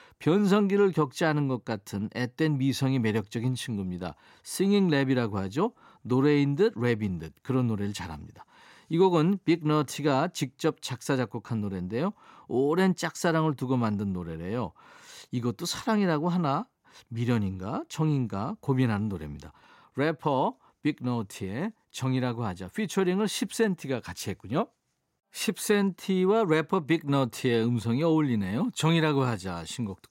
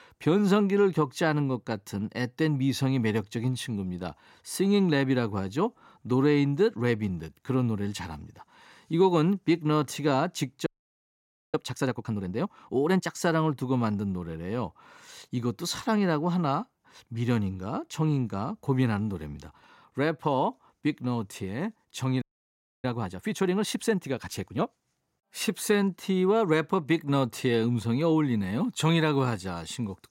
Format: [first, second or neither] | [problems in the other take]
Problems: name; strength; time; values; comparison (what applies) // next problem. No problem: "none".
first | audio freezing; at 11 s for 1 s and at 22 s for 0.5 s